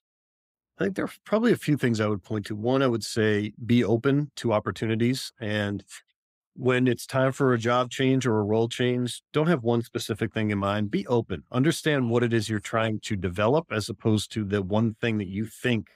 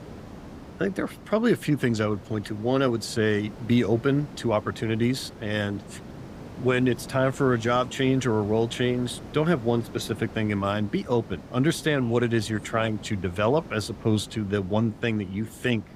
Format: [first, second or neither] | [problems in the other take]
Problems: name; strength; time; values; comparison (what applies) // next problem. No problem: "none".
first | hiss; noticeable; throughout; 15 dB below the speech